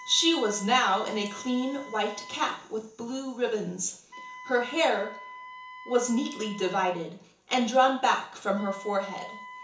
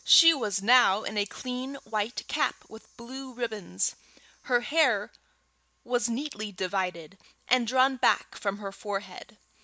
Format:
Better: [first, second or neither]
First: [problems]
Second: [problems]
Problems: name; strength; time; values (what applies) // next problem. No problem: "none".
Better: second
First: background sound (Wind instrument, woodwind instrument); 17 dB below the speech // room echo; dies away in 0.7 s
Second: none